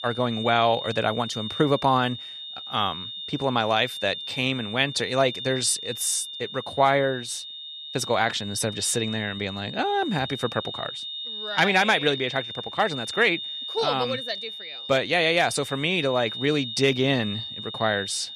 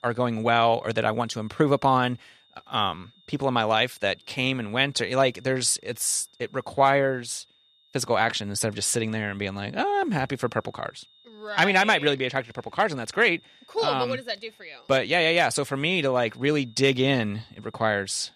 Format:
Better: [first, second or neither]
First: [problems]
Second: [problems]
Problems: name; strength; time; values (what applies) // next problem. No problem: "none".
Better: second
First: high-pitched whine; loud; throughout; 3.5 kHz, 8 dB below the speech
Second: high-pitched whine; faint; throughout; 3.5 kHz, 30 dB below the speech